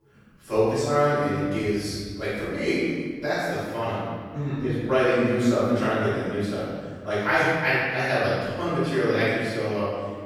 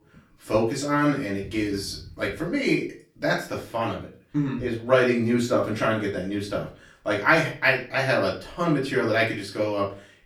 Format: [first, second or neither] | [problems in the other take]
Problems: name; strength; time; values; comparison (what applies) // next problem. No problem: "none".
second | room echo; strong; dies away in 1.6 s; slight in the second // off-mic speech; far; far in the second